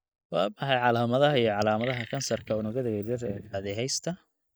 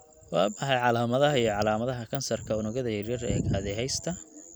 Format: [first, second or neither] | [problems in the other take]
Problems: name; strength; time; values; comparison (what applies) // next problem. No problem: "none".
second | noise reduction (neural mask model DeepFilterNet 3)